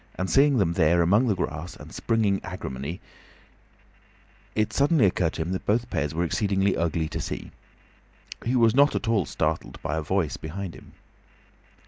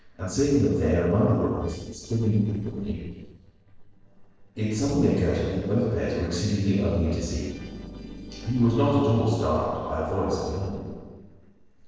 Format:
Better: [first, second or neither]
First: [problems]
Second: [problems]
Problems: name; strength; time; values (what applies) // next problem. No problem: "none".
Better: first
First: none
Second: noise reduction (neural separator model SepFormer DNS4)